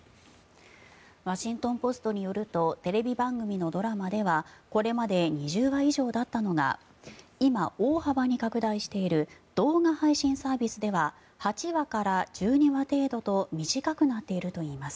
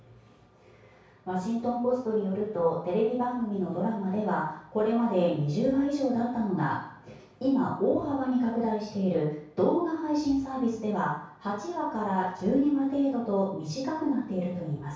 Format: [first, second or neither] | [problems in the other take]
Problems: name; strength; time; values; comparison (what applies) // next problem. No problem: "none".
first | room echo; dies away in 0.6 s